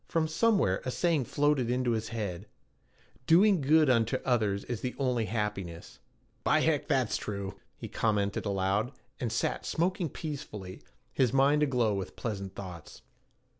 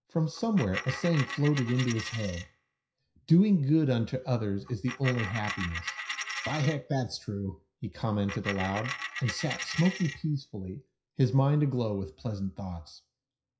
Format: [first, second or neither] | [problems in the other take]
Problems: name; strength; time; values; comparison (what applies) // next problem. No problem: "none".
first | noise reduction (classical method WPE with log-MMSE)